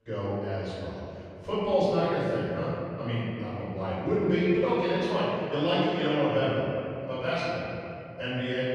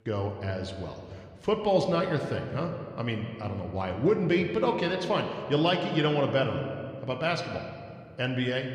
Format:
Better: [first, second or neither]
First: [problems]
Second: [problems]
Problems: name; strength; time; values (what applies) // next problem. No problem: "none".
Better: second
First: room echo; strong; dies away in 2.5 s // off-mic speech; far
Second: room echo; slight; dies away in 1.9 s